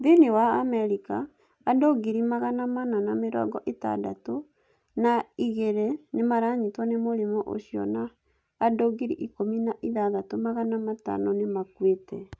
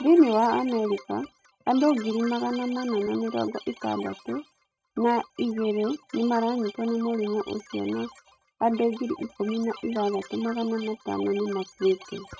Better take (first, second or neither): first